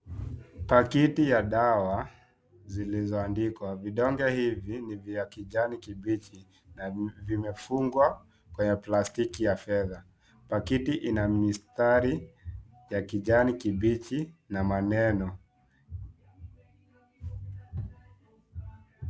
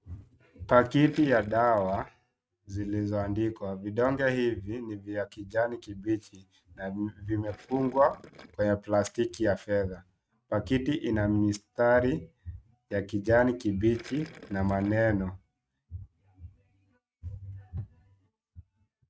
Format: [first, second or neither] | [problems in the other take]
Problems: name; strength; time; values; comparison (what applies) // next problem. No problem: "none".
first | noise reduction (neural mask model RNNoise)